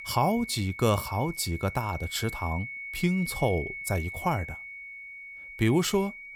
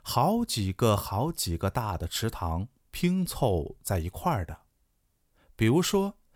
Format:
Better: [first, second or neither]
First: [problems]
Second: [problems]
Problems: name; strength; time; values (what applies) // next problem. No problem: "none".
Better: second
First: high-pitched whine; loud; throughout; 2 kHz, 10 dB below the speech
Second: none